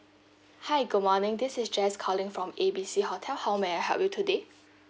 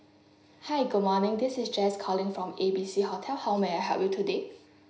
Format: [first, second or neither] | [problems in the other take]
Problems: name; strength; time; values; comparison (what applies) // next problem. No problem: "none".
first | room echo; dies away in 0.5 s